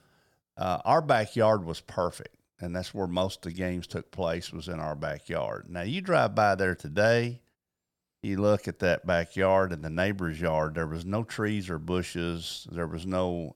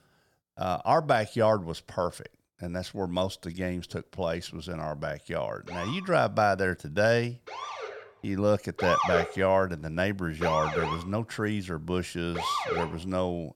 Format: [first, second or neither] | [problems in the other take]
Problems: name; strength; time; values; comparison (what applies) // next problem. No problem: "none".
first | siren; loud; from 5.5 to 13 s; peak 3 dB above the speech